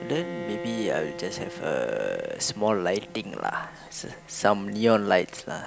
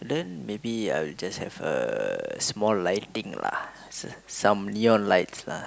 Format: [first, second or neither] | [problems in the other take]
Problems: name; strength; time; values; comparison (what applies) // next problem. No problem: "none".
second | background sound (Bowed string instrument); 13 dB below the speech